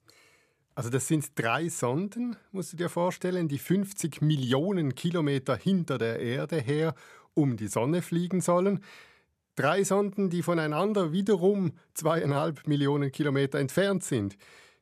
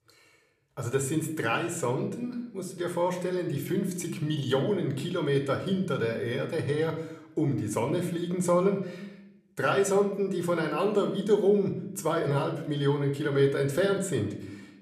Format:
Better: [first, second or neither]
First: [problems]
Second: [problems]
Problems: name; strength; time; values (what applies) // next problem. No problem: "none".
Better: first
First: none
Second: room echo; slight; dies away in 0.7 s